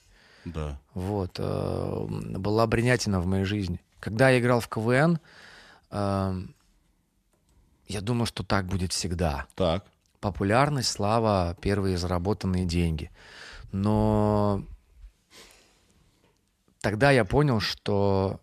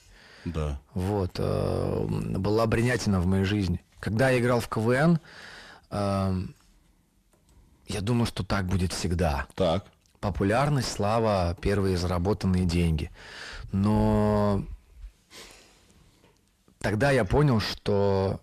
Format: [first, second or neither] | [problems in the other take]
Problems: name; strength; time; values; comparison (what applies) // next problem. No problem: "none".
first | distortion; heavy; 6 dB below the speech